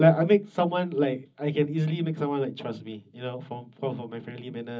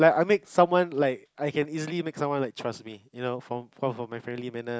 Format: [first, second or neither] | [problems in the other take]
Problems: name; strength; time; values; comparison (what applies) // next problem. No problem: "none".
second | room echo; dies away in 0.4 s